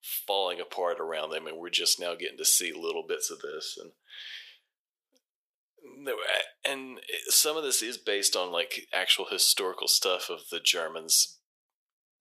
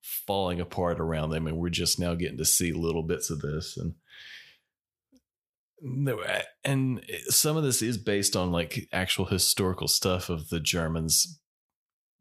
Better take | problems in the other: second | thin; very; fading below 400 Hz

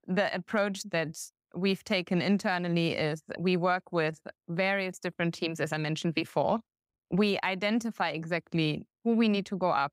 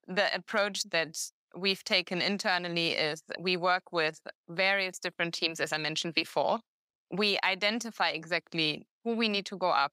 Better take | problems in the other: first | thin; somewhat; fading below 650 Hz

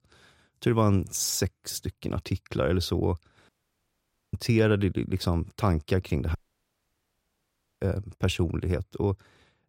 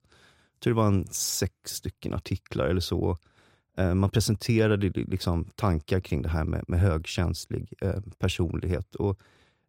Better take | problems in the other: second | audio cutting out; at 3.5 s for 1 s and at 6.5 s for 1.5 s

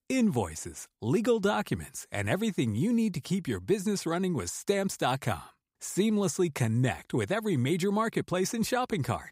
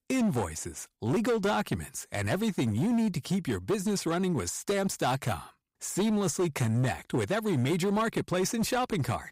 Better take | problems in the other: first | distortion; slight; 13% of the sound clipped

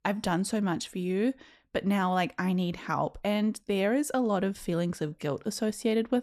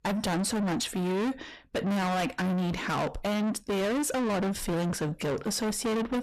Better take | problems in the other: first | distortion; heavy; 6 dB below the speech

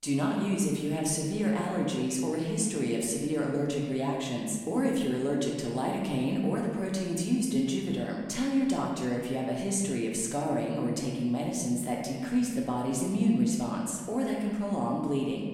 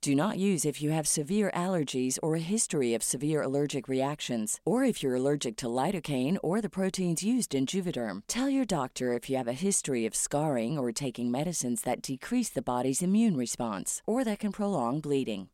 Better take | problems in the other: second | room echo; noticeable; dies away in 1.5 s // off-mic speech; far

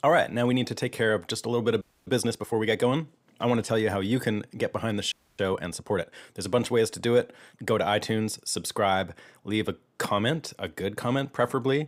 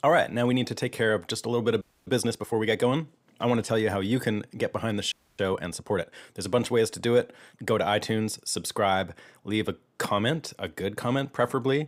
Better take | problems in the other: neither | audio freezing; at 2 s and at 5 s; the same in both

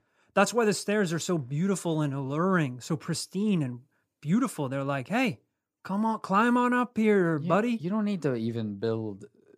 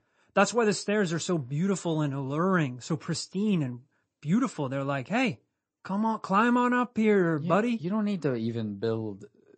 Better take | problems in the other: first | garbled, watery; slightly; nothing above 8 kHz

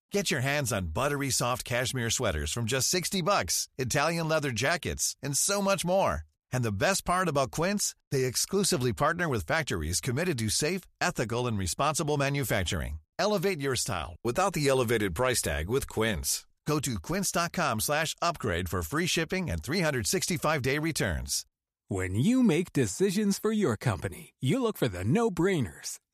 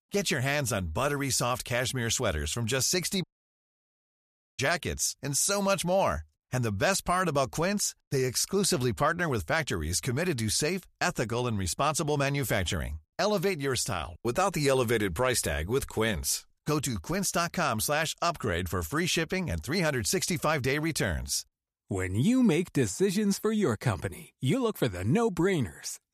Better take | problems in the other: first | audio cutting out; at 3 s for 1.5 s

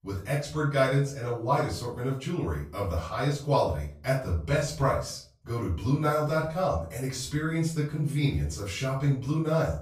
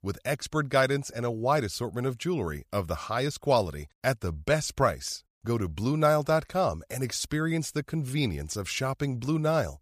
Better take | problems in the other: second | off-mic speech; far // room echo; slight; dies away in 0.4 s

